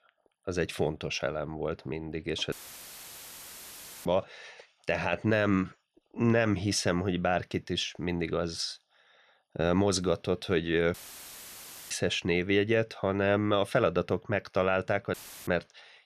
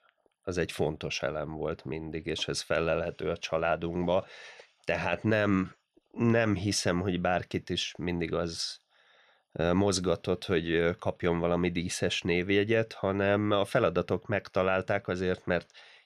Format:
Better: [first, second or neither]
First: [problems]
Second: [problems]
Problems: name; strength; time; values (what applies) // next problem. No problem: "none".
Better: second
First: audio cutting out; filled with static; at 2.5 s for 1.5 s, at 11 s for 1 s and at 15 s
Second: none